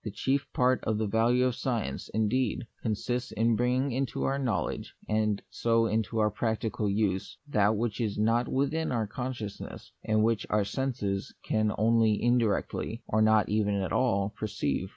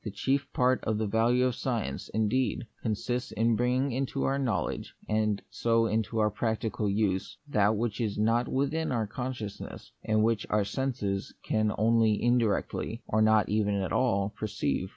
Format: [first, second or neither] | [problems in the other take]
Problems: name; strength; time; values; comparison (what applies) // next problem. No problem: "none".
second | noise reduction (neural mask model Resemble Enhance denoiser)